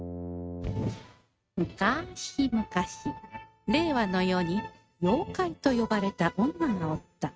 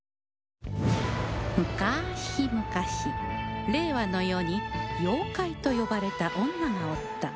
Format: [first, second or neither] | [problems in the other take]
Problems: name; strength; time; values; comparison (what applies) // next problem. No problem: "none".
second | noise reduction (neural mask model RNNoise)